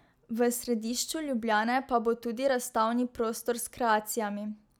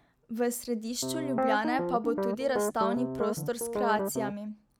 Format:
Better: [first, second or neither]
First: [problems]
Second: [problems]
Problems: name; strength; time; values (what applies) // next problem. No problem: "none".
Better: first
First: none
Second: background sound (Piano); as loud as the speech